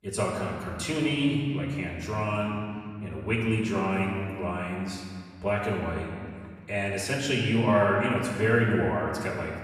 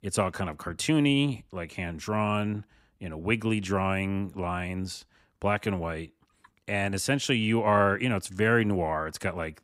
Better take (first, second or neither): second